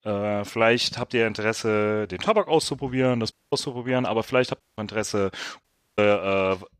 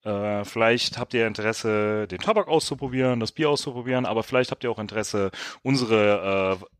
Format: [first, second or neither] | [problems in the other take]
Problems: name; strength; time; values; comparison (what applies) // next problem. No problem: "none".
second | audio cutting out; at 3.5 s, at 4.5 s and at 5.5 s